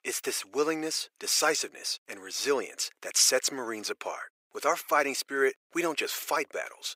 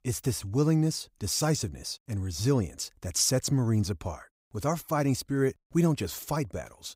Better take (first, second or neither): second